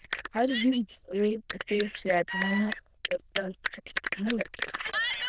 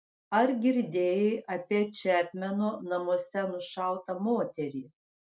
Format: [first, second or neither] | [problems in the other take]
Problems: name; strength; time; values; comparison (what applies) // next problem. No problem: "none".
second | noise reduction (neural diffusion model UNIVERSE++)